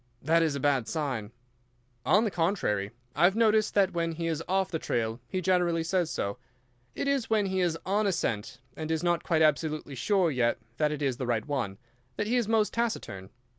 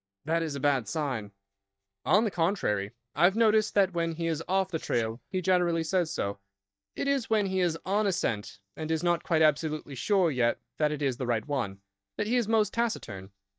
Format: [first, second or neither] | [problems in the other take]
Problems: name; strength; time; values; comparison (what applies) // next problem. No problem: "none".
first | noise reduction (neural mask model DeepFilterNet 3)